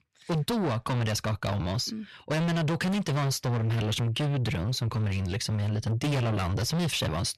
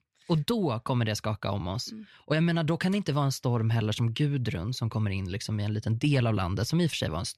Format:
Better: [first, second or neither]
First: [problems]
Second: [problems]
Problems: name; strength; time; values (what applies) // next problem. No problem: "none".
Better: second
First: distortion; heavy; 7 dB below the speech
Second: none